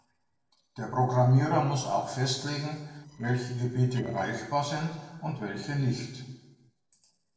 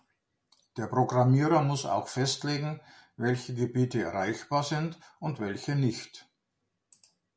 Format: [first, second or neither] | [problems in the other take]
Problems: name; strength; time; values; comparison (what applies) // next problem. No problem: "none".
second | noise reduction (neural separator model SepFormer DNS4)